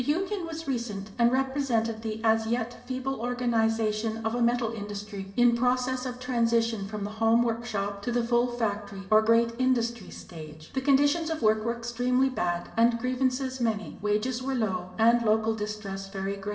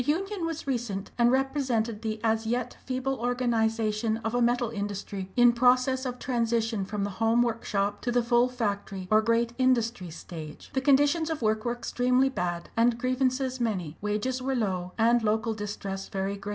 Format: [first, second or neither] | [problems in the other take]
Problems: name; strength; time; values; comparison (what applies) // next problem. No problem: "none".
second | room echo; dies away in 0.8 s